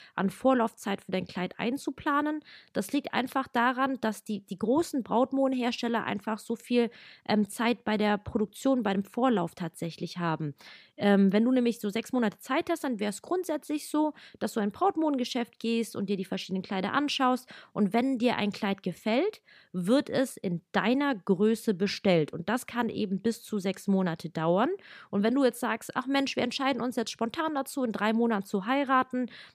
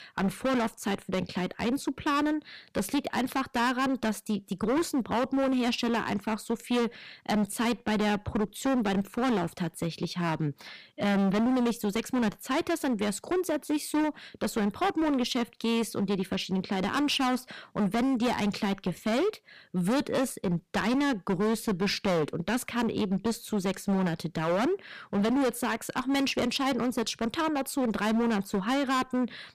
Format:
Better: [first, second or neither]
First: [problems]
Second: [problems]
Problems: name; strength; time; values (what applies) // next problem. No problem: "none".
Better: first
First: none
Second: distortion; heavy; 18% of the sound clipped